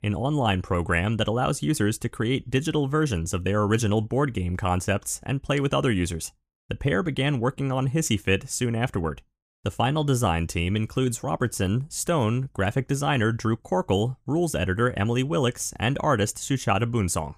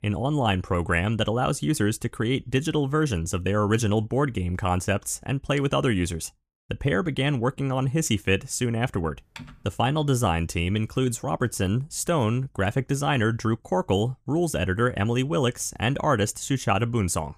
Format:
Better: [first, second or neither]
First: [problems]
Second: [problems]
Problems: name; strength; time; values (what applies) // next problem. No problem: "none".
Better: first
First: none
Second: keyboard typing; faint; at 9.5 s; peak 20 dB below the speech